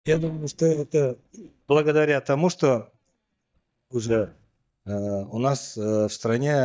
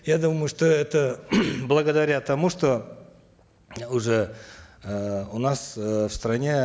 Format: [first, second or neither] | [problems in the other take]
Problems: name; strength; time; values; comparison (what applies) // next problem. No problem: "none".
second | noise reduction (neural mask model DeepFilterNet 3)